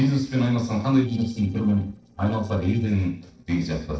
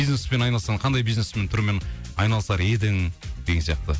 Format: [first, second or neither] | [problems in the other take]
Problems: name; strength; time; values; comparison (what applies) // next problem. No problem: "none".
second | noise reduction (neural separator model SepFormer DNS4)